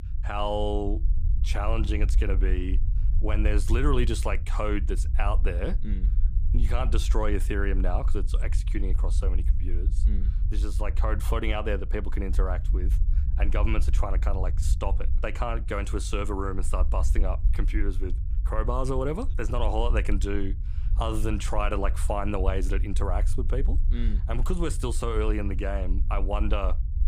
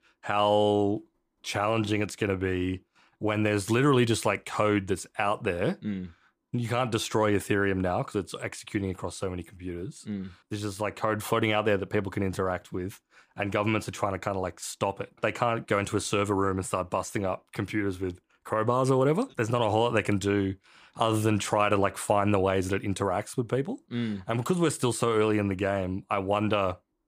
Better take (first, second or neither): second